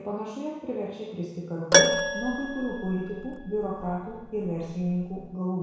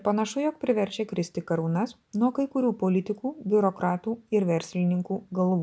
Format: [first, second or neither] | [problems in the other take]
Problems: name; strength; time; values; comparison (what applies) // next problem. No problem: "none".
second | background sound (Keyboard (musical)); 3 dB above the speech // room echo; dies away in 1.1 s